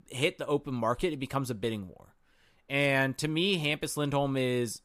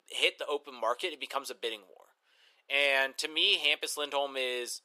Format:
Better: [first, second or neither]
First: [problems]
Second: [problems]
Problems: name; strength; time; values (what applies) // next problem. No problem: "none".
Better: first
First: none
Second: thin; very; fading below 450 Hz